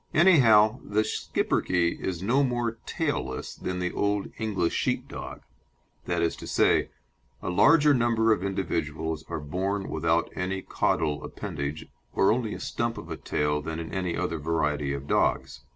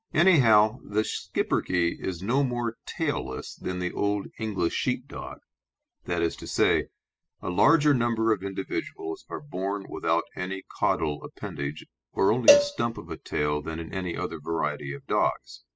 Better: first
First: none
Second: noise reduction (classical method spectral subtraction)

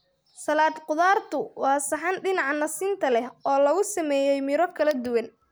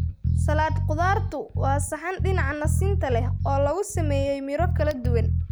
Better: first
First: none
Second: background sound (Bass guitar); 3 dB above the speech

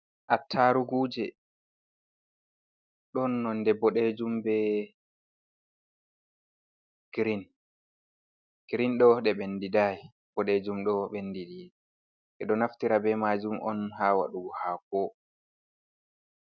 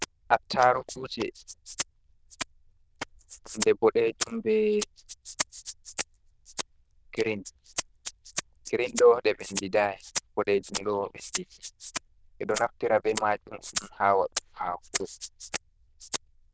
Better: first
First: none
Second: noise reduction (neural diffusion model UNIVERSE++)

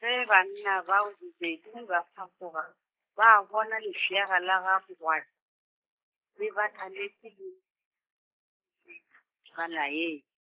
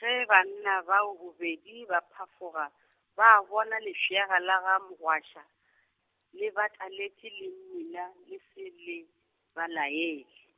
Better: second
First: noise reduction (neural mask model Resemble Enhance denoiser)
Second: none

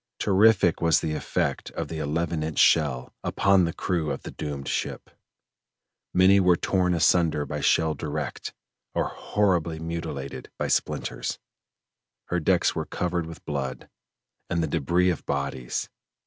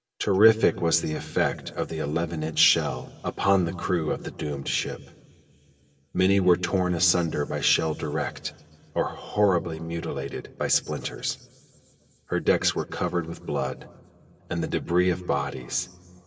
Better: first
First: none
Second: room echo; dies away in 2.2 s

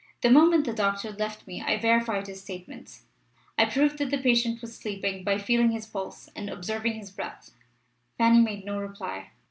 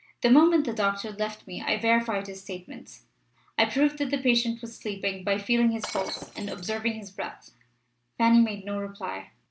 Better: first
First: none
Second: noise reduction (neural separator model SepFormer DNS4)

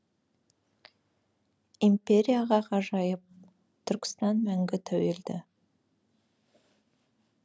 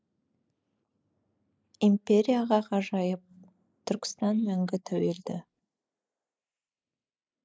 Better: first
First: none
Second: noise reduction (neural mask model Resemble Enhance denoiser)

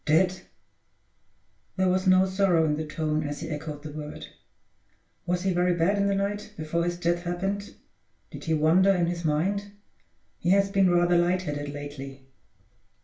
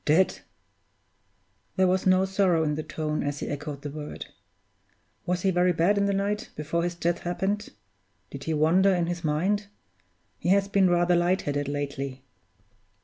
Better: second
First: room echo; dies away in 0.3 s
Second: none

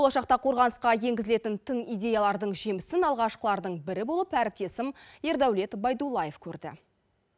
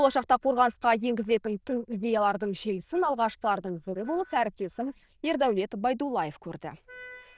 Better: first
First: none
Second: noise reduction (neural diffusion model UNIVERSE++)

